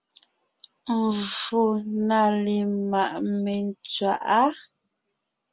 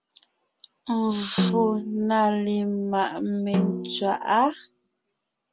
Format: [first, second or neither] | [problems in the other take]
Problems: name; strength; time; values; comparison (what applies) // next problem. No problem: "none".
first | background sound (Snare drum); 5 dB below the speech